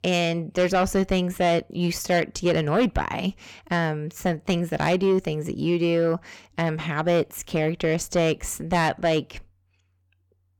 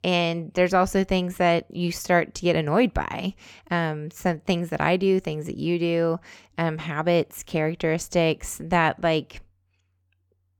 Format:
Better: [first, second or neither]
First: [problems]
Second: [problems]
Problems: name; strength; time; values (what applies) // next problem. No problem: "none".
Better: second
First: distortion; slight; 10 dB below the speech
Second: none